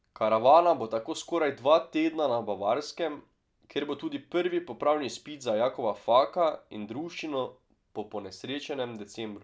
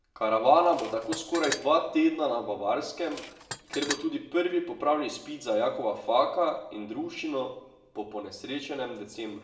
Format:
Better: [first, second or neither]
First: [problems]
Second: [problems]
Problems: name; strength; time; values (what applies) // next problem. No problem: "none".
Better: first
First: none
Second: background sound (Tools); 10 dB below the speech // room echo; dies away in 0.7 s